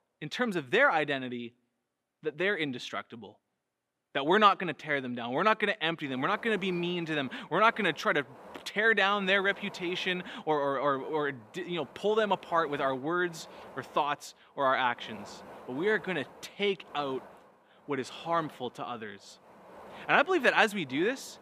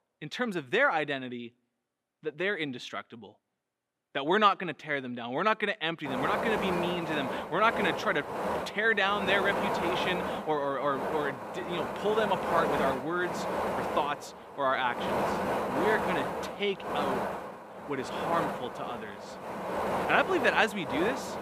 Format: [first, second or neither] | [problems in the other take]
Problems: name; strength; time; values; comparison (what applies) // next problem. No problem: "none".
first | wind noise on the microphone; heavy; from 6 s on; 3 dB below the speech; occasional gusts in the first